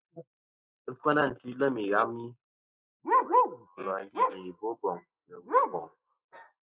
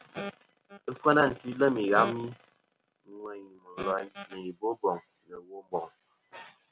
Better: second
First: noise reduction (neural mask model Resemble Enhance denoiser)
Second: none

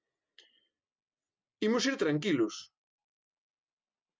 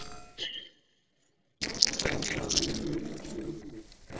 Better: first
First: none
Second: noise reduction (neural separator model SepFormer DNS4)

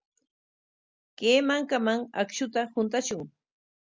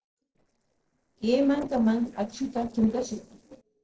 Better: first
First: none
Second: noise reduction (neural separator model SepFormer DNS4)

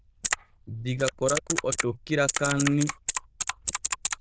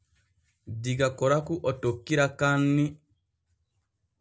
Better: second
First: noise reduction (neural diffusion model UNIVERSE++)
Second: none

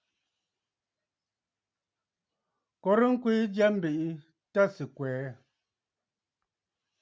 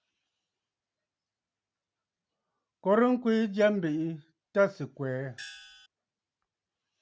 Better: first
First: none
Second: background sound (Gong); 14 dB below the speech

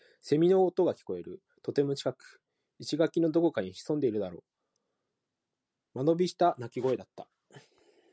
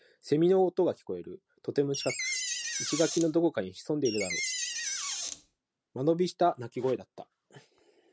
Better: first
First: none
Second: background sound (Door); 4 dB below the speech

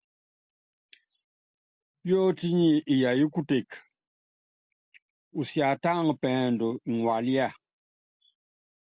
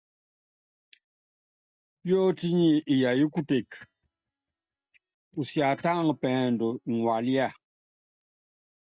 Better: first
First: none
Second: noise reduction (neural mask model DeepFilterNet 3)

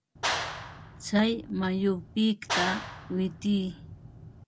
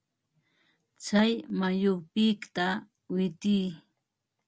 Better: second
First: background sound (Clapping); 7 dB below the speech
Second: none

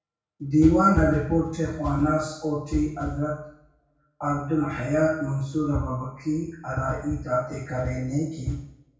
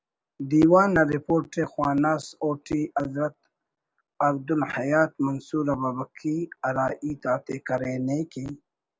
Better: second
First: room echo; dies away in 0.6 s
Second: none

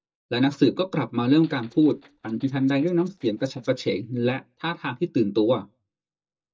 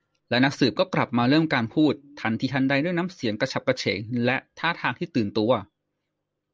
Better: second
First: noise reduction (neural mask model DeepFilterNet 3)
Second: none

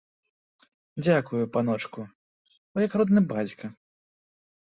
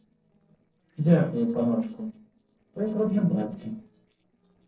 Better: first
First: none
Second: noise reduction (neural separator model SepFormer DNS4)

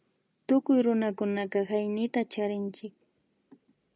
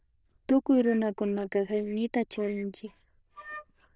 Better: first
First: none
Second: noise reduction (neural diffusion model UNIVERSE++)

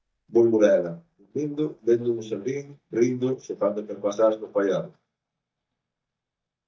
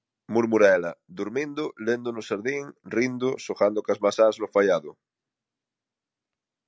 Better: second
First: noise reduction (neural mask model DeepFilterNet 3)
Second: none

